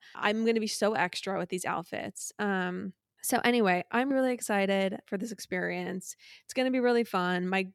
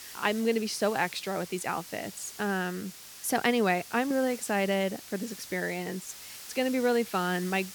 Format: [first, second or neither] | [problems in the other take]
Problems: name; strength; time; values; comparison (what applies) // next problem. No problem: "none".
first | hiss; noticeable; throughout; 15 dB below the speech